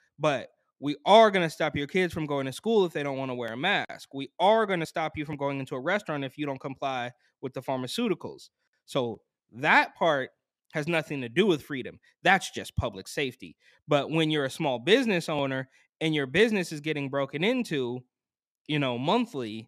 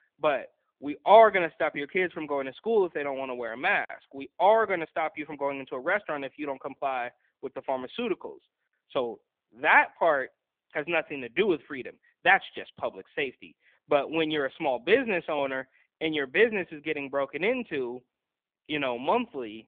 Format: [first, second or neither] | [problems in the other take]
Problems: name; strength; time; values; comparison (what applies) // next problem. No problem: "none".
first | phone-call audio; poor line; nothing above 3.5 kHz